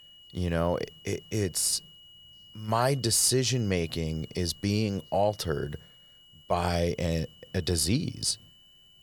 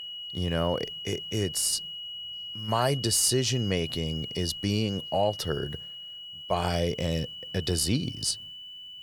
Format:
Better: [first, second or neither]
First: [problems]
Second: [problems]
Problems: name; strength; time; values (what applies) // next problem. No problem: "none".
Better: first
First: high-pitched whine; faint; throughout; 3 kHz, 25 dB below the speech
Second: high-pitched whine; loud; throughout; 3 kHz, 8 dB below the speech